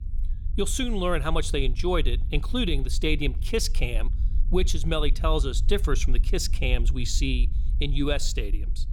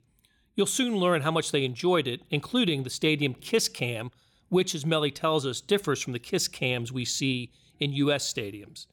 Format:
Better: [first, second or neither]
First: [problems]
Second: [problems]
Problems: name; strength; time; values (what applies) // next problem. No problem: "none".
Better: second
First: low rumble; faint; throughout; 20 dB below the speech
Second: none